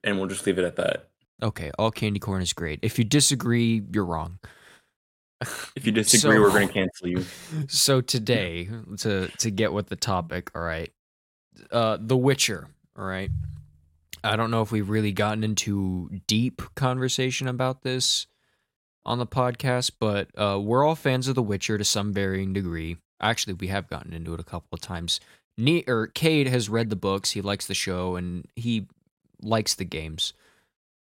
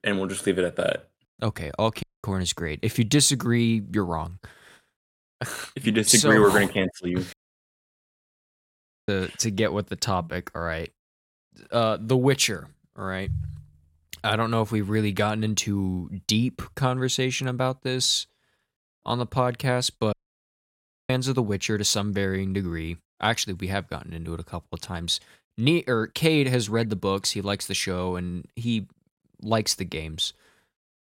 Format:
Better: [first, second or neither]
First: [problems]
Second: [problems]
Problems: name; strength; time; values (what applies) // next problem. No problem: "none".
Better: first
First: none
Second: audio cutting out; at 2 s, at 7.5 s for 2 s and at 20 s for 1 s